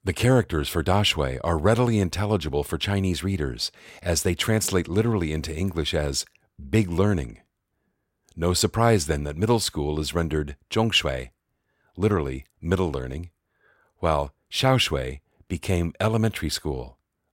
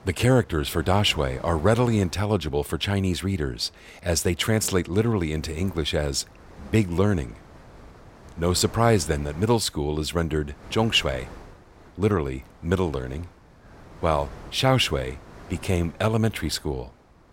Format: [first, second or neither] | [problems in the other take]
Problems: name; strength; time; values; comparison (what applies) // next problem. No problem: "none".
first | wind noise on the microphone; occasional gusts; 20 dB below the speech